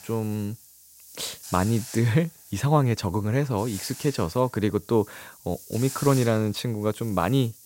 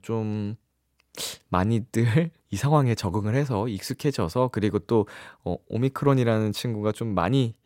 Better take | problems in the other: second | hiss; noticeable; throughout; 15 dB below the speech

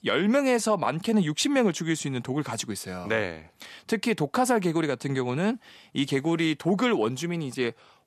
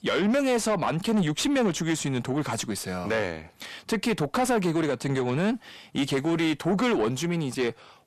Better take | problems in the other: first | distortion; slight; 10 dB below the speech

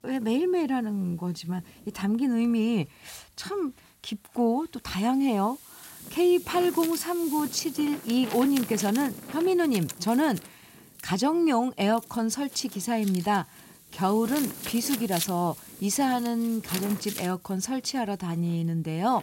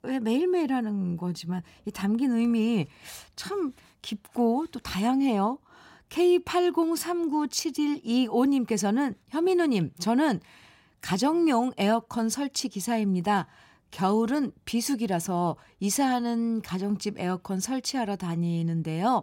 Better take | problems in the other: second | wind noise on the microphone; occasional gusts; 10 dB below the speech

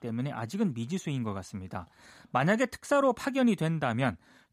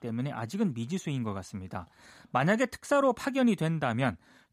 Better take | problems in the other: neither | none

